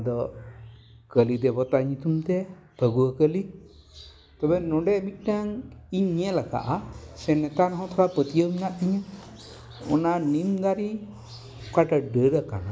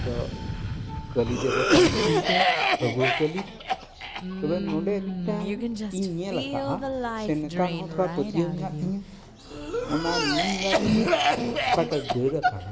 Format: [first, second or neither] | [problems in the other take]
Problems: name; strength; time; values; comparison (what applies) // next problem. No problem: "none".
first | background sound (Cough); 3 dB above the speech